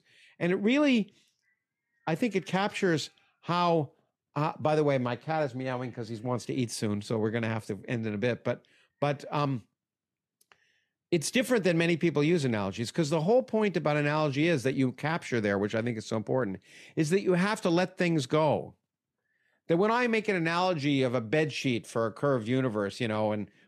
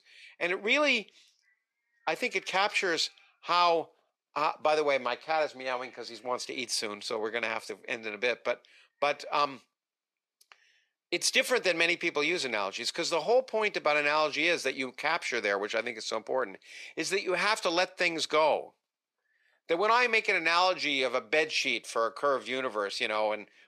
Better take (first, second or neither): first